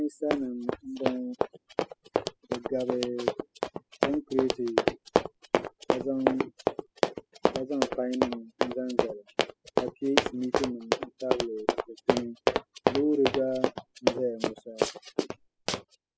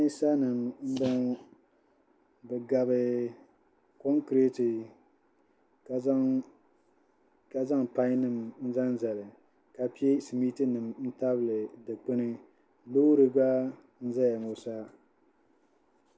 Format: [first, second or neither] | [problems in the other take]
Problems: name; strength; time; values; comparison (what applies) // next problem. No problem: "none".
second | noise reduction (classical method spectral subtraction)